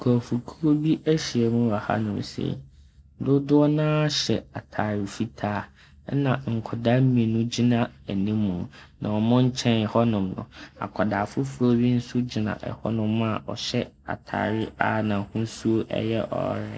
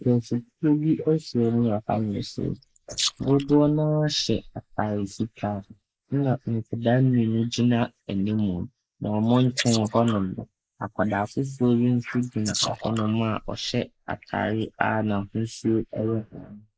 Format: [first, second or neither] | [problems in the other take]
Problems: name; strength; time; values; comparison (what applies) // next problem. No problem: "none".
first | noise reduction (neural mask model Resemble Enhance denoiser)